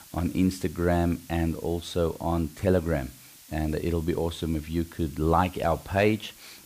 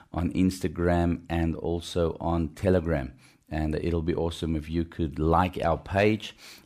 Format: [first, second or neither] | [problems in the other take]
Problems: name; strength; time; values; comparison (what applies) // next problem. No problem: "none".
second | hiss; faint; throughout; 20 dB below the speech